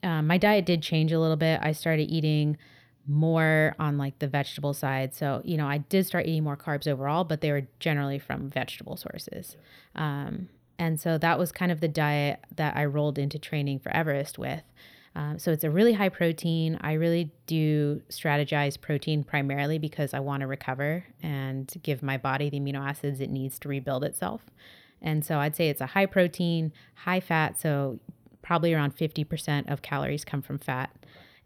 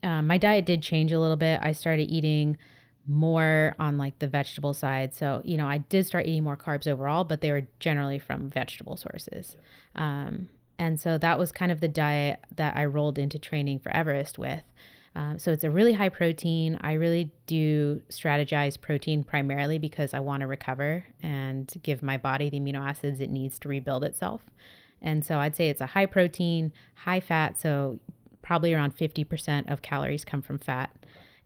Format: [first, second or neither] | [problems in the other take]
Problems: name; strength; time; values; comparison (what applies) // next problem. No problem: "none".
first | garbled, watery; slightly